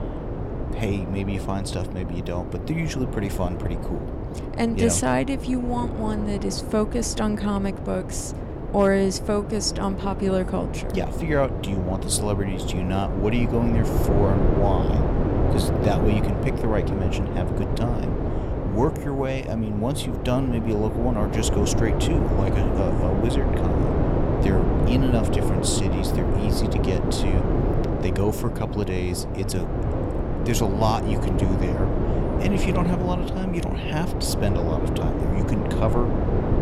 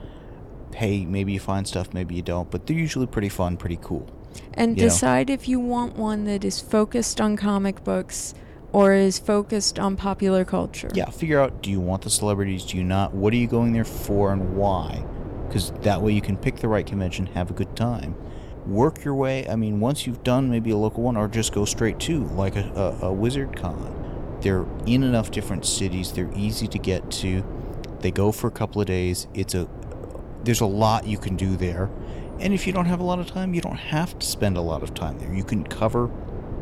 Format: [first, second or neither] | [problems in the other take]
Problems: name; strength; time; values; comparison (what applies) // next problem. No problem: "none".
second | wind noise on the microphone; heavy; 2 dB below the speech; occasional gusts in the second